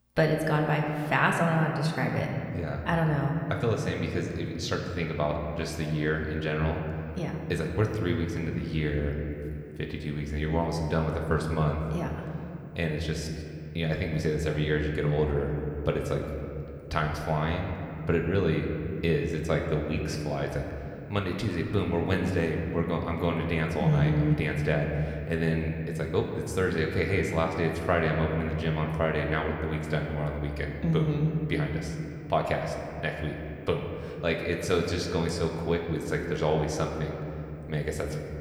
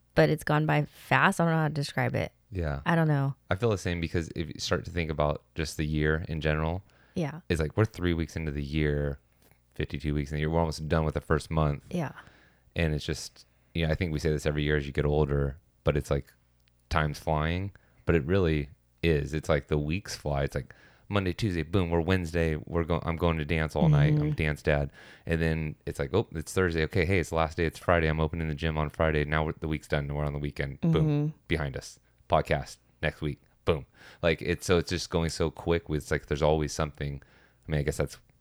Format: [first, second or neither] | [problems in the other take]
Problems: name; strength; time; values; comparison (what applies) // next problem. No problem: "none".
second | room echo; slight; dies away in 2.6 s